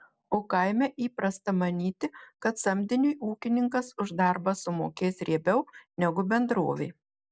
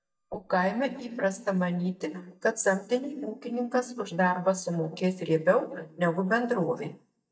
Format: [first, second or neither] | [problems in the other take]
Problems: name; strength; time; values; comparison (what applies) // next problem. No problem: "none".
first | noise reduction (neural mask model DeepFilterNet 3)